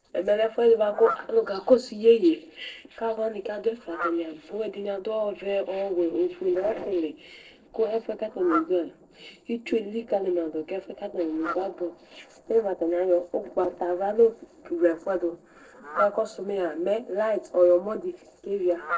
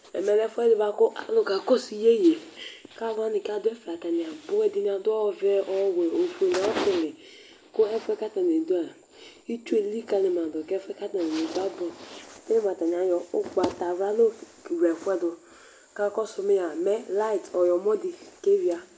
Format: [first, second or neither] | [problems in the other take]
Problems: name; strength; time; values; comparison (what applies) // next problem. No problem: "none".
second | noise reduction (neural separator model SepFormer DNS4)